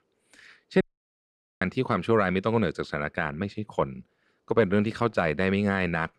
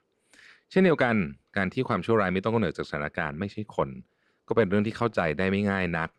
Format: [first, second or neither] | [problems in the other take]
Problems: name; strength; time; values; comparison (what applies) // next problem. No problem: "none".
second | audio cutting out; at 1 s for 1 s